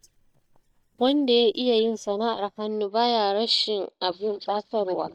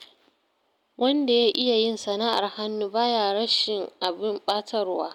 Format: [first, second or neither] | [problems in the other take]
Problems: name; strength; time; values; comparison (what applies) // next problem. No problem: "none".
second | noise reduction (neural mask model DeepFilterNet 3)